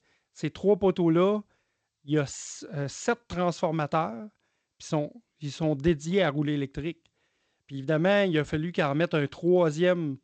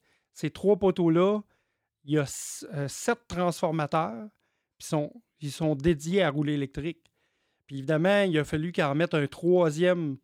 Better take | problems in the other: second | garbled, watery; slightly; nothing above 7.5 kHz

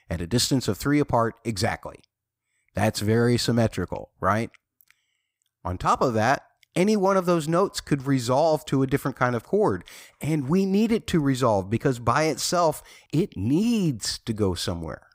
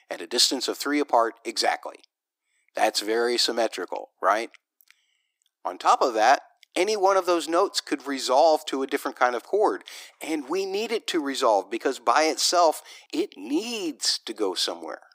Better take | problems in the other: first | thin; somewhat; fading below 300 Hz

